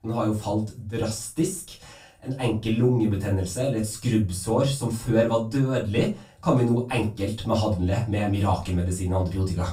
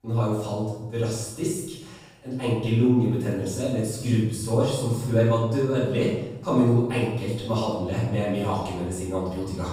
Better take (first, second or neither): first